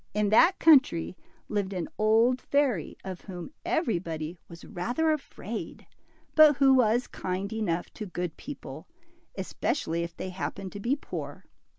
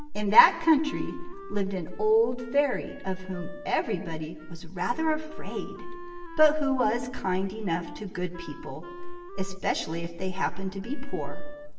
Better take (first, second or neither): first